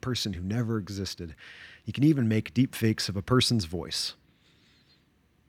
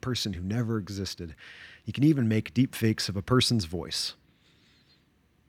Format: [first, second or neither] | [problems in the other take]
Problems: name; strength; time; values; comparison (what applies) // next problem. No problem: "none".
neither | none